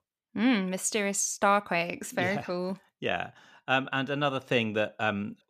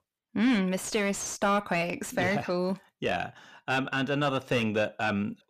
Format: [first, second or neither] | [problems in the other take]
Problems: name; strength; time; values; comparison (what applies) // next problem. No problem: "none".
first | distortion; heavy; 8 dB below the speech